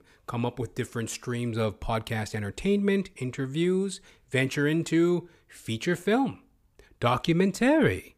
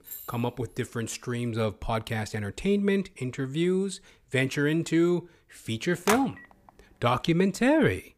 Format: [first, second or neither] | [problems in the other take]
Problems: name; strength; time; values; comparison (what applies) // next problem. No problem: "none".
first | jangling keys; faint; at the start; peak 15 dB below the speech // phone ringing; noticeable; at 6 s; peak 2 dB below the speech